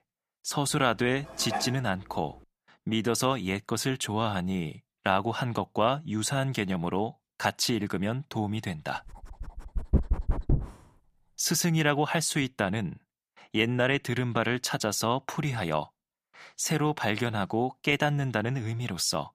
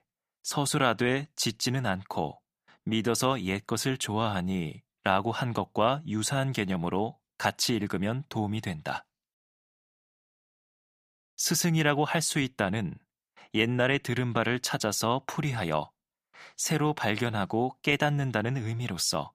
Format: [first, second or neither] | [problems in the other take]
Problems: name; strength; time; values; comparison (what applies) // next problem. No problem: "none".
second | clattering dishes; noticeable; at 1.5 s; peak 6 dB below the speech // dog barking; loud; from 9.5 to 11 s; peak 1 dB above the speech